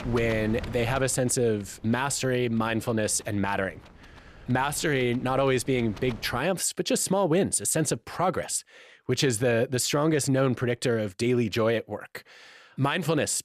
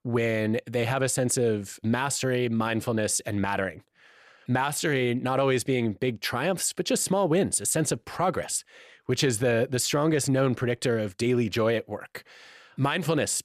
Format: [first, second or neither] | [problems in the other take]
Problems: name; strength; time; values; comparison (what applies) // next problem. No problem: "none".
second | wind noise on the microphone; occasional gusts; until 6.5 s; 20 dB below the speech